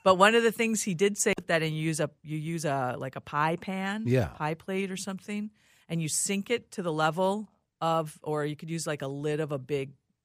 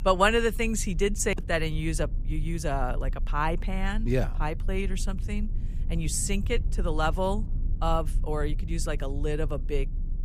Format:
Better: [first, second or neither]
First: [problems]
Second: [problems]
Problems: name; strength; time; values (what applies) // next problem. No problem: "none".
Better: first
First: none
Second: low rumble; faint; throughout; 20 dB below the speech